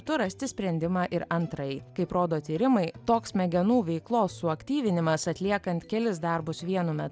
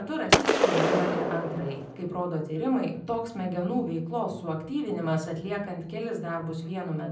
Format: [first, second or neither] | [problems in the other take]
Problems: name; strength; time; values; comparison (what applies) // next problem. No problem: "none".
first | background sound (Gunshot, gunfire); 5 dB above the speech // room echo; dies away in 0.6 s